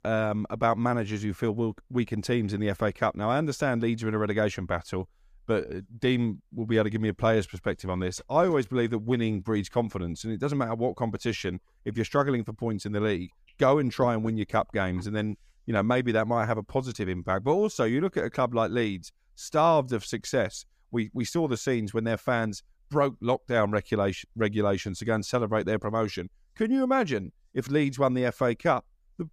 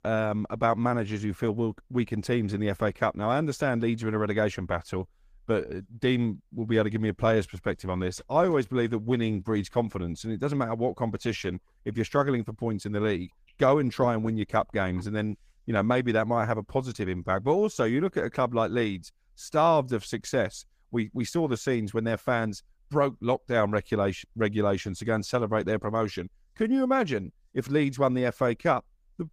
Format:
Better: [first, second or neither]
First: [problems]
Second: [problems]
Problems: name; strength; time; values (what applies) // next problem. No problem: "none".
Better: first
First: none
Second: garbled, watery; slightly; nothing above 15 kHz